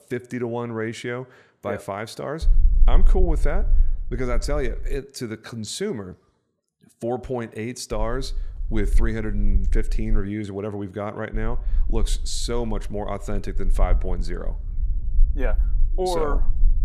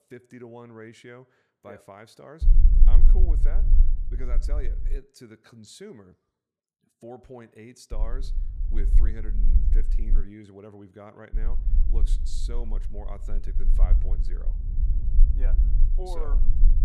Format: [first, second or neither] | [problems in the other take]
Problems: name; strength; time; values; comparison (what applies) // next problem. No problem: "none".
first | low rumble; loud; from 2.5 to 5 s, from 8 to 10 s and from 11 s on; 5 dB below the speech; faint in the first